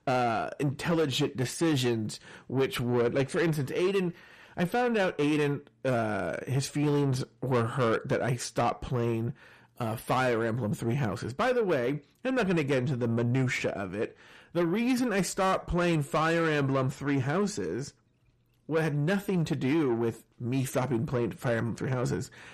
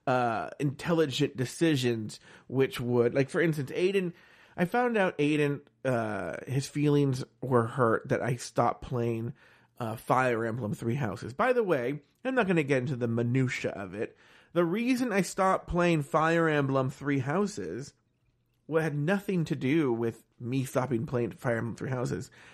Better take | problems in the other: second | distortion; slight; 10 dB below the speech

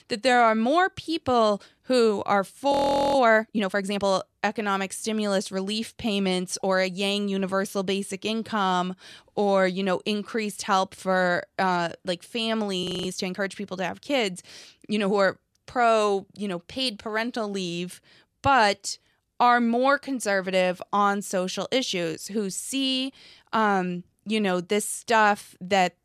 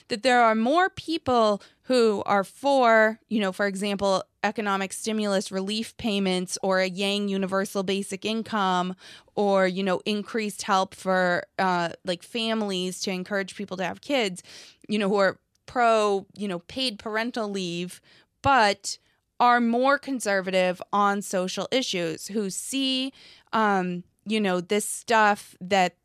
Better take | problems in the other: second | audio freezing; at 2.5 s and at 13 s

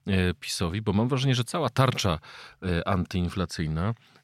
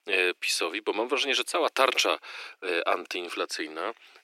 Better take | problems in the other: first | thin; very; fading below 300 Hz

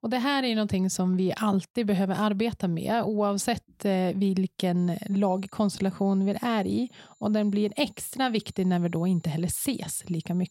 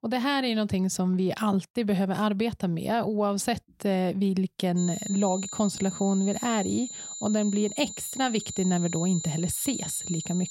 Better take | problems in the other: first | high-pitched whine; loud; from 5 s on; 7 kHz, 8 dB below the speech; faint in the first

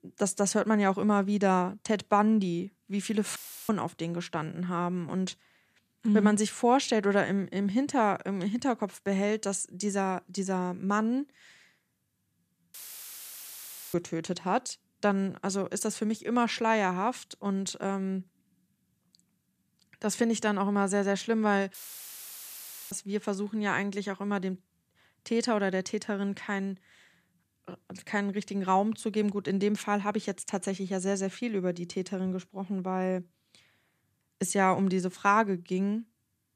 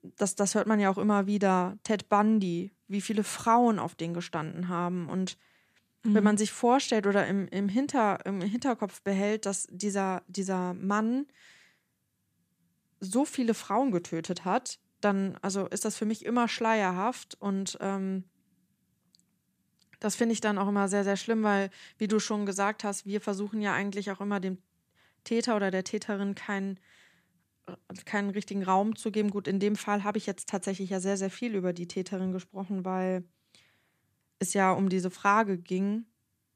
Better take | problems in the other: second | audio cutting out; filled with static; at 3.5 s, at 13 s for 1 s and at 22 s for 1 s

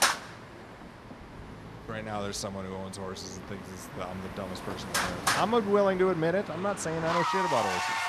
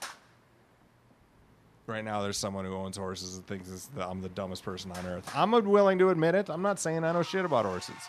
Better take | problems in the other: second | traffic noise; loud; throughout; 2 dB below the speech; faint in the second

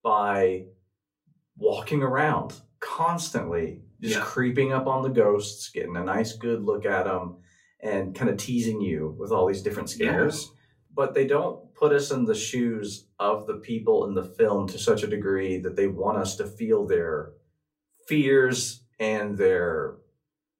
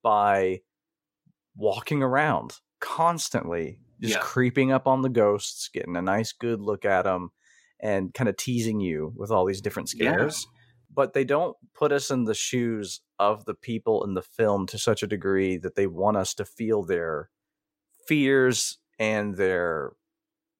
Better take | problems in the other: second | off-mic speech; far // room echo; very slight; dies away in 0.2 s

